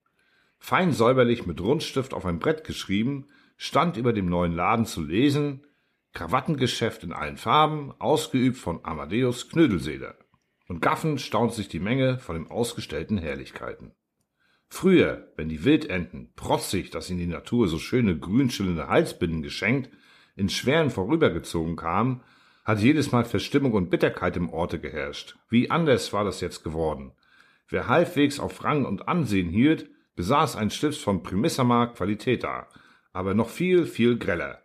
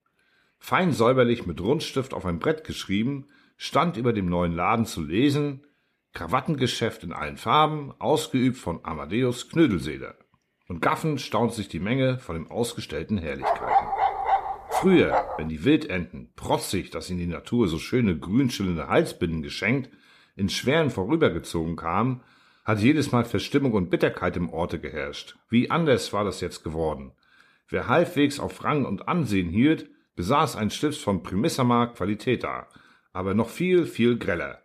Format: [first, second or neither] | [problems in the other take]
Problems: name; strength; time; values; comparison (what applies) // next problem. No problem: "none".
first | dog barking; loud; from 13 to 15 s; peak 2 dB above the speech